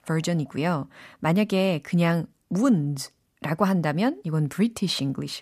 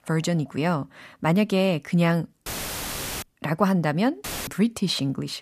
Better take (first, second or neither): first